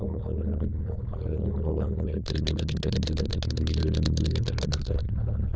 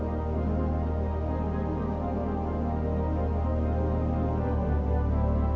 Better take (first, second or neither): second